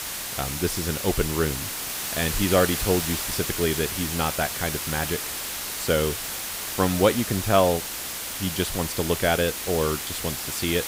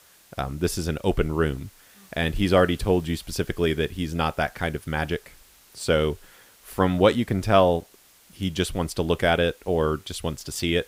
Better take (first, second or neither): second